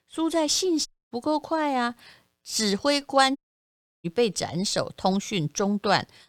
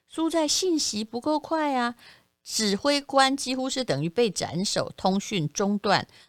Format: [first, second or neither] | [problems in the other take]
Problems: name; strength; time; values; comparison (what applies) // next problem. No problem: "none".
second | audio cutting out; at 1 s and at 3.5 s for 0.5 s